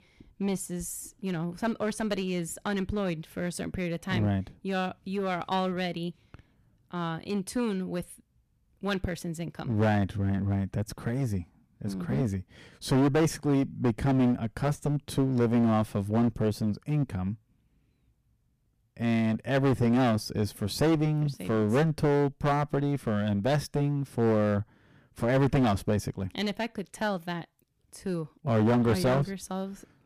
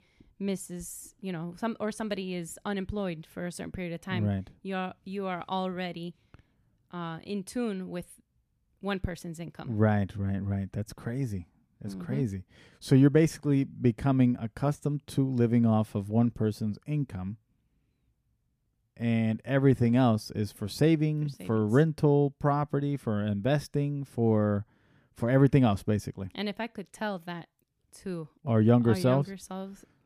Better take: second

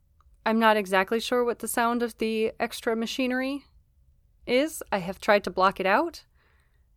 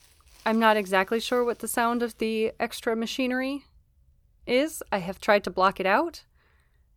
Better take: first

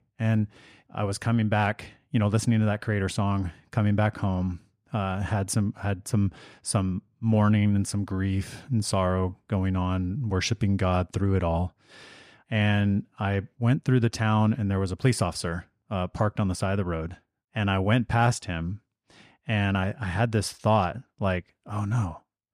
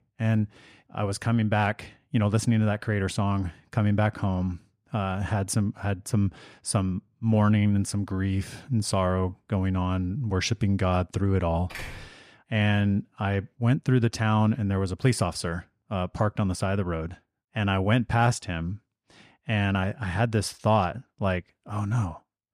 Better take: first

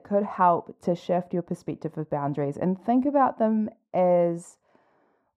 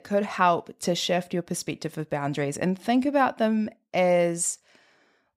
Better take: second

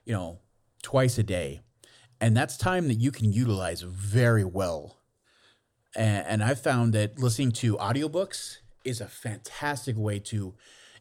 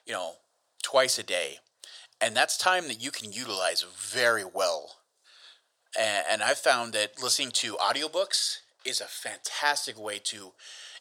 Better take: first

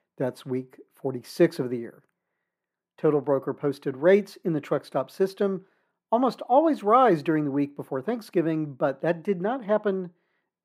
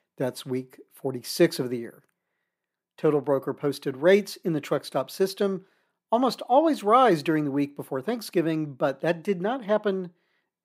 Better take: second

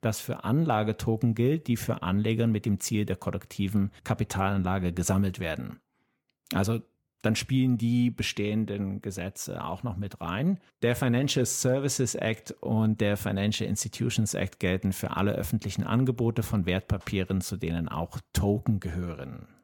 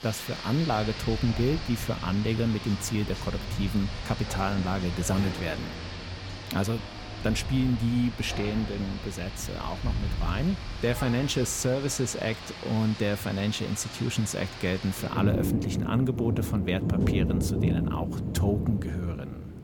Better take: first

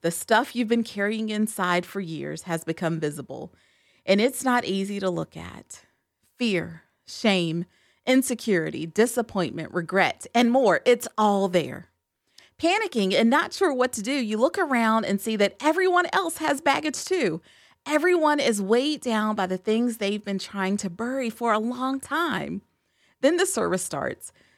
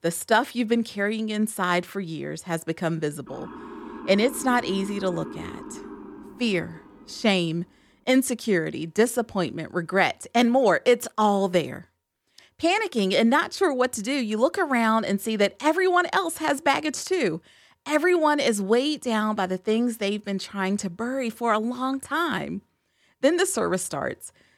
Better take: first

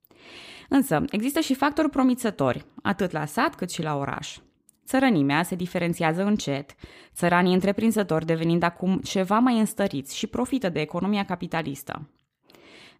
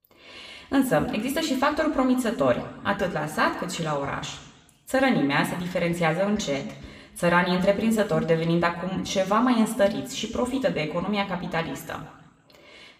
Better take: first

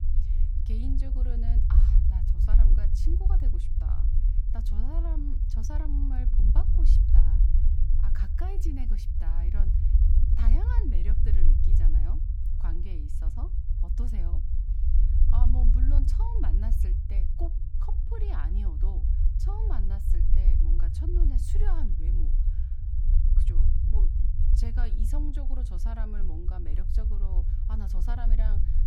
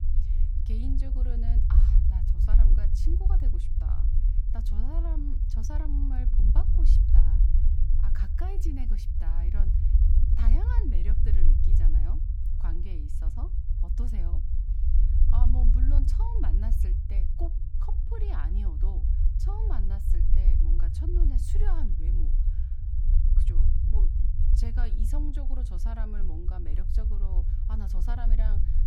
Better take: neither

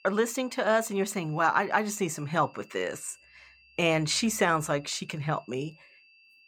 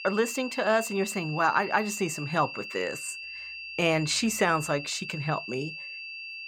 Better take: first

